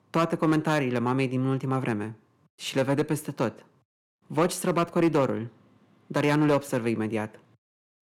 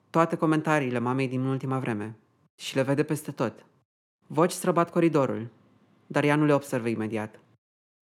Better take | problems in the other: second | distortion; slight; 3% of the sound clipped

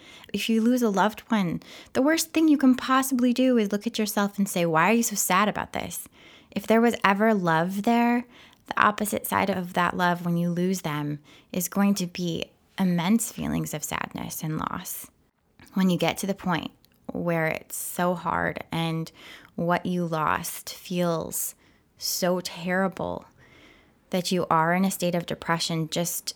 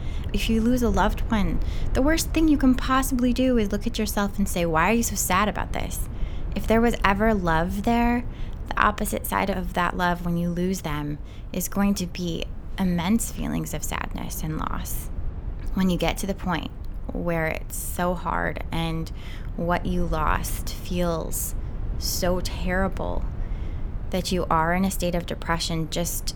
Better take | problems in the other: first | low rumble; faint; throughout; 20 dB below the speech

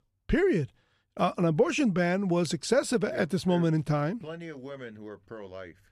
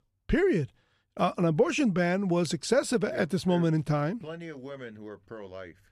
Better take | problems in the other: neither | none

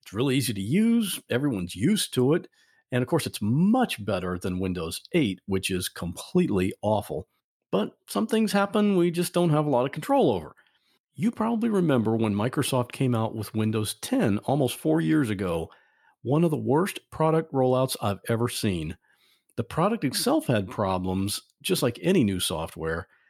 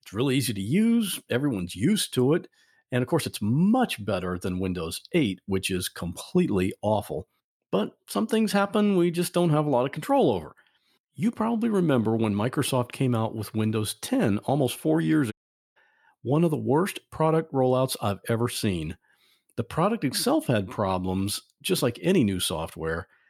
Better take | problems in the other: first | audio cutting out; at 15 s

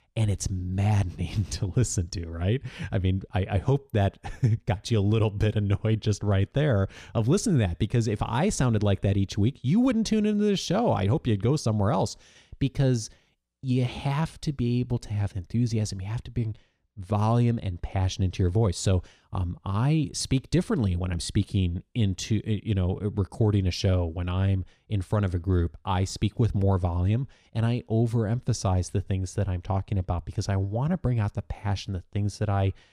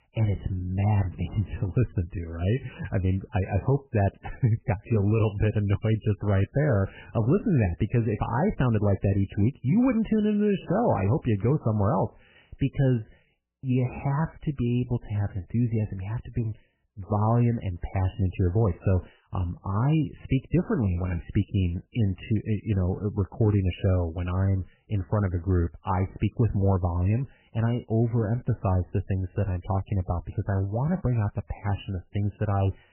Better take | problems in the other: first | garbled, watery; badly; nothing above 3 kHz

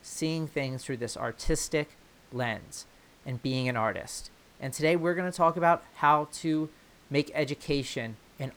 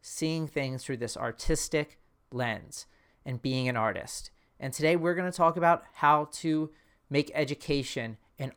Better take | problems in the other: second | hiss; faint; throughout; 30 dB below the speech

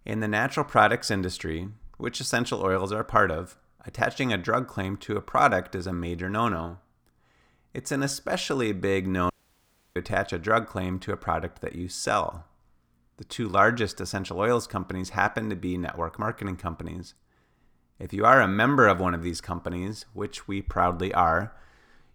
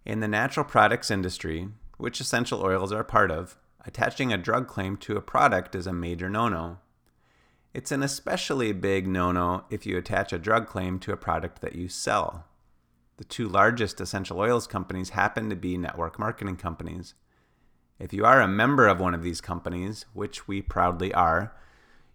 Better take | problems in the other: second | audio cutting out; at 9.5 s for 0.5 s

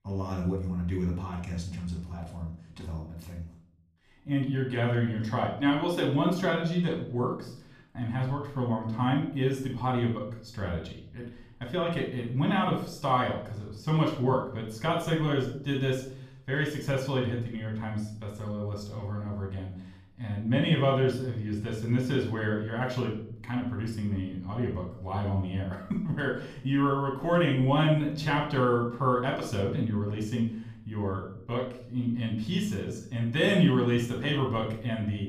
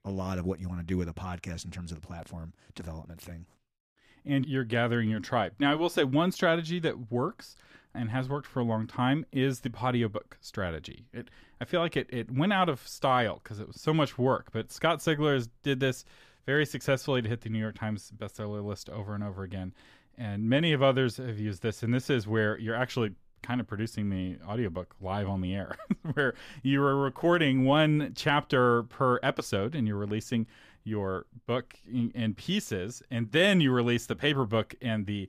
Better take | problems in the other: second | off-mic speech; somewhat distant // room echo; noticeable; dies away in 0.6 s

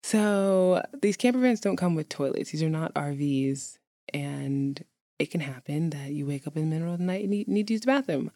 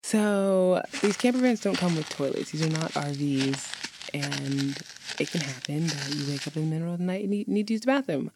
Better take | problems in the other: first | footsteps; noticeable; from 1 to 6.5 s; peak 4 dB below the speech

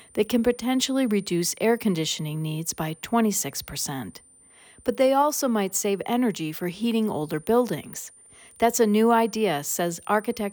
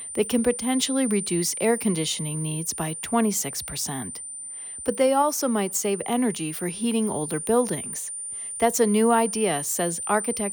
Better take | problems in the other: first | high-pitched whine; loud; throughout; 9 kHz, 7 dB below the speech; faint in the first

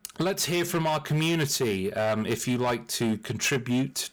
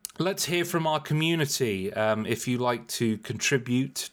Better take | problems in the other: second | distortion; slight; 12% of the sound clipped

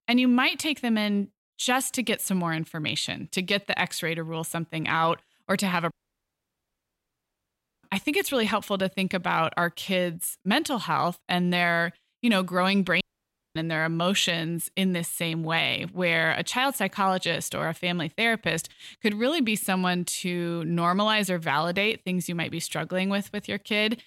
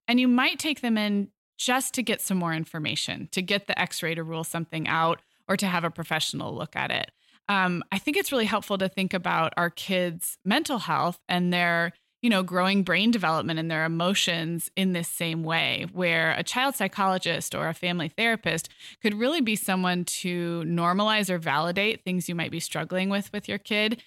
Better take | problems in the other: second | audio cutting out; at 6 s for 2 s and at 13 s for 0.5 s

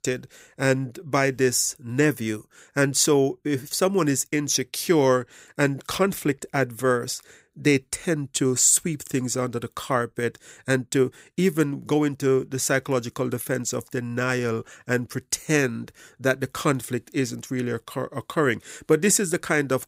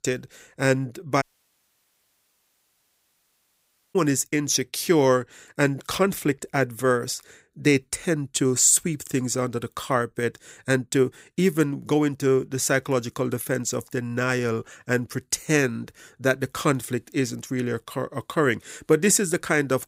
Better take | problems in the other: first | audio cutting out; at 1 s for 2.5 s

